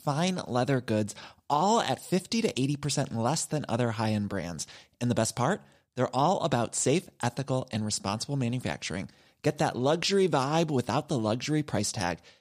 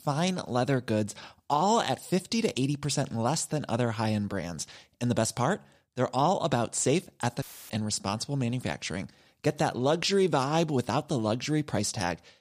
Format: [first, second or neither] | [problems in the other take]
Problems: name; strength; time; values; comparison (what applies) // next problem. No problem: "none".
first | audio cutting out; filled with static; at 7.5 s